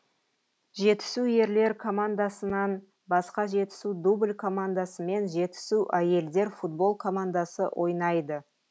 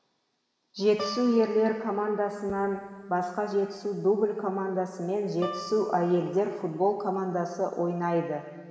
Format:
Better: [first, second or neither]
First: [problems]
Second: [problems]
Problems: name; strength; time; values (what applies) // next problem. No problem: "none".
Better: first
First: none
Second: background sound (Guitar); 16 dB below the speech // room echo; dies away in 2.8 s